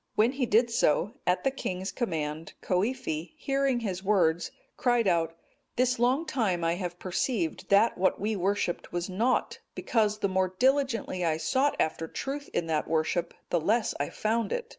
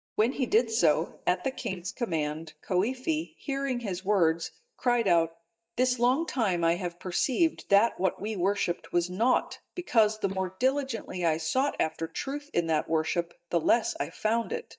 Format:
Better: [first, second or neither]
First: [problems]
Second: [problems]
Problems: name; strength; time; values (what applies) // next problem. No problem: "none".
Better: first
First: none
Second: noise reduction (neural mask model DeepFilterNet 3)